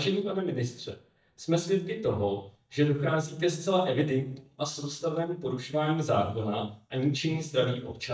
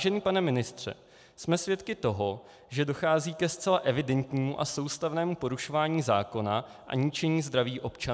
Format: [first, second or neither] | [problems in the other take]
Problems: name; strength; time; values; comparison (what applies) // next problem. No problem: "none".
second | noise reduction (neural mask model DeepFilterNet 3)